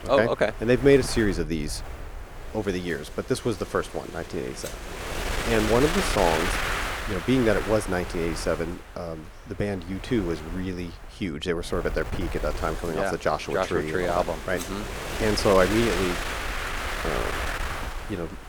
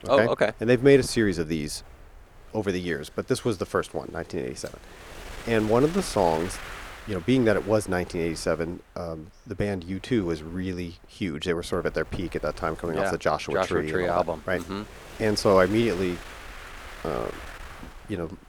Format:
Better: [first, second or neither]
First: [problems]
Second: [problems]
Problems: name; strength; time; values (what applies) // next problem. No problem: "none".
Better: second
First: wind noise on the microphone; heavy; 4 dB below the speech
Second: wind noise on the microphone; occasional gusts; 15 dB below the speech